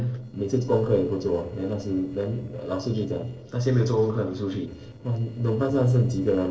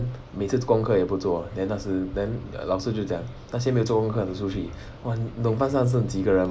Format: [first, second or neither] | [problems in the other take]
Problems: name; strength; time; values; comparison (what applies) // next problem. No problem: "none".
second | noise reduction (neural separator model SepFormer DNS4)